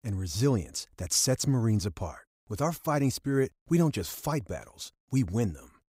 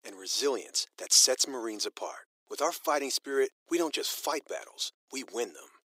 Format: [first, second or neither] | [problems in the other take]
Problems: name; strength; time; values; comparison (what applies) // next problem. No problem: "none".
first | thin; very; fading below 350 Hz